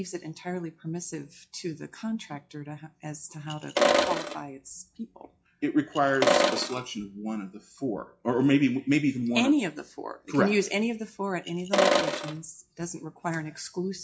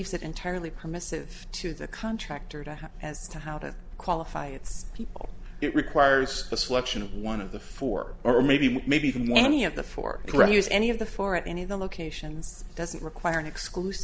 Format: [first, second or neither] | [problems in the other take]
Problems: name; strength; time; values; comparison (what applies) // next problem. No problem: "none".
second | noise reduction (classical method WPE with log-MMSE)